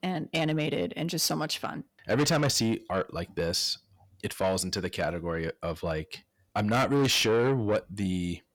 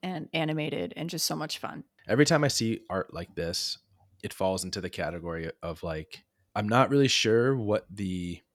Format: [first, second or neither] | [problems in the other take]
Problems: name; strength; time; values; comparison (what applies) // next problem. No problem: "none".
second | distortion; heavy; 7 dB below the speech